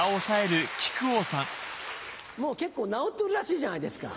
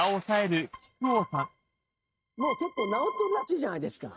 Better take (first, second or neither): first